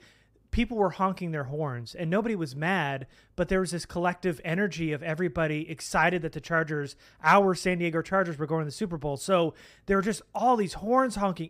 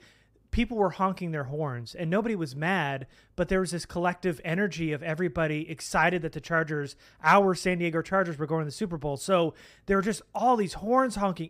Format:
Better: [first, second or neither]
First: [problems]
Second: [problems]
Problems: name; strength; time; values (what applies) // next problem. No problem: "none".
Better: neither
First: none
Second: none